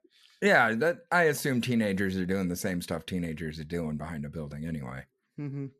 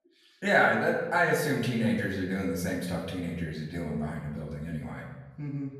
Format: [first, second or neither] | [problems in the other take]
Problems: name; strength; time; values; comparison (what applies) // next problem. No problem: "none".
first | off-mic speech; far // room echo; noticeable; dies away in 0.9 s